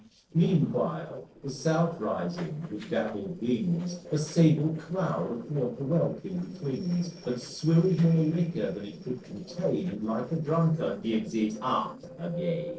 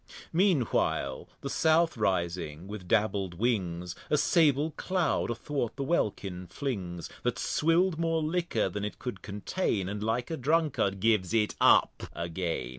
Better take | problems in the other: second | noise reduction (neural separator model SepFormer DNS4)

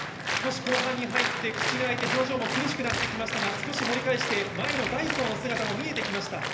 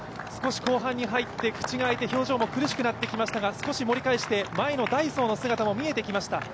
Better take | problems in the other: second | background sound (Applause); 2 dB below the speech // room echo; dies away in 1.4 s

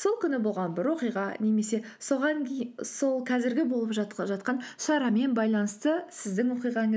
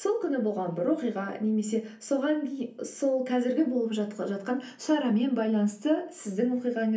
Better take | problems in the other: first | room echo; dies away in 0.3 s

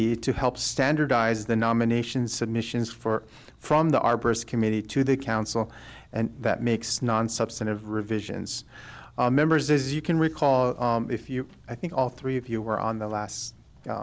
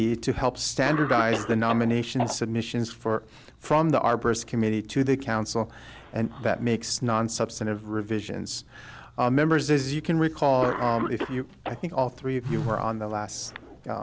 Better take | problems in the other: first | background sound (Telephone + Cough); 12 dB below the speech

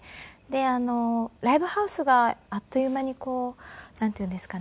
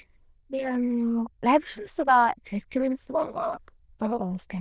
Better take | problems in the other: first | noise reduction (neural diffusion model UNIVERSE++)

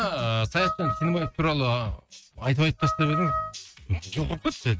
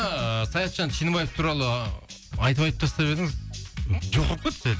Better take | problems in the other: second | noise reduction (neural mask model RNNoise)

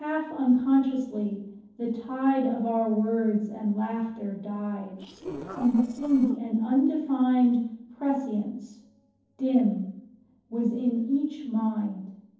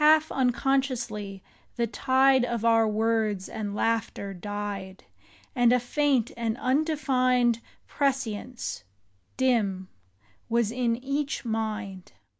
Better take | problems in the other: second | noise reduction (neural separator model SepFormer DNS4)

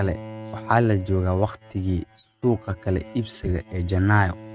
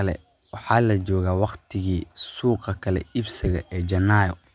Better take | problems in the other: second | noise reduction (neural mask model RNNoise)

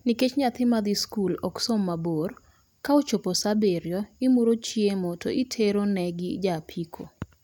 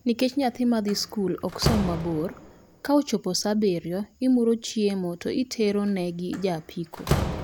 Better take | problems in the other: first | background sound (Slam); 9 dB below the speech

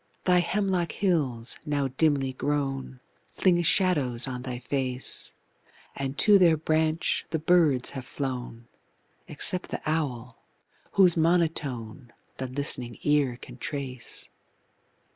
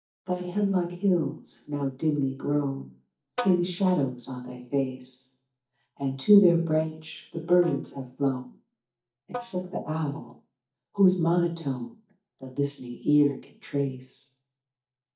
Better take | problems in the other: first | noise reduction (neural mask model DeepFilterNet 3)

